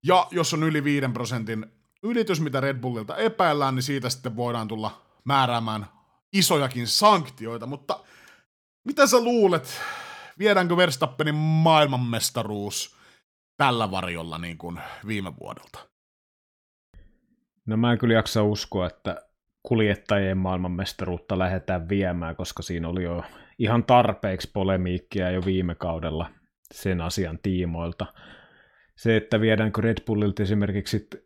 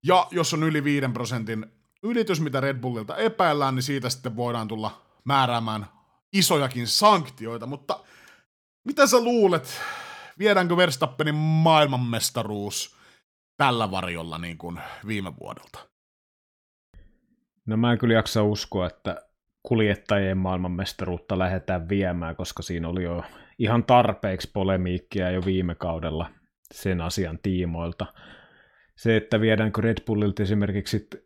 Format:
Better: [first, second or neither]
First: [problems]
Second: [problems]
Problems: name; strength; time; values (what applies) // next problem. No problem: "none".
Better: neither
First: none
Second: none